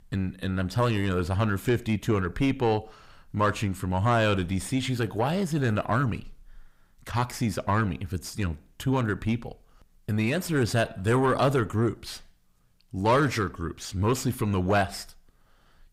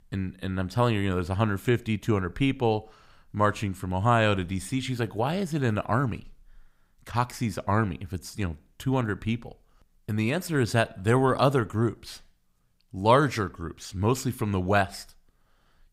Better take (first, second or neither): second